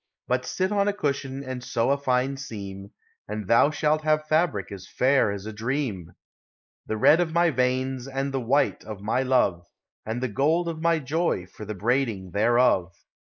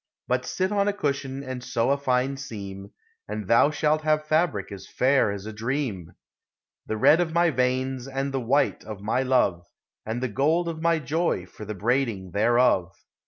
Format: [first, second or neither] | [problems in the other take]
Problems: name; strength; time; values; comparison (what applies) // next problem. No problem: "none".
second | noise reduction (neural mask model Resemble Enhance denoiser)